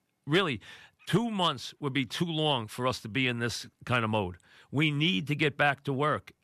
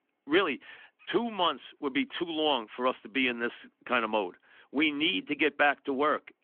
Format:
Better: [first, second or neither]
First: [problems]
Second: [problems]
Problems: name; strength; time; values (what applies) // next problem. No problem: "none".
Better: first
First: none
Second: phone-call audio; nothing above 3.5 kHz